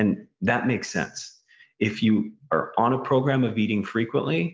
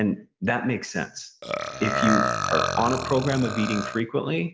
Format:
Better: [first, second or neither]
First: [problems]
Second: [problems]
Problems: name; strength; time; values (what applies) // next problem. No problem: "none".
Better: first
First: none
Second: background sound (Burping, eructation); 2 dB below the speech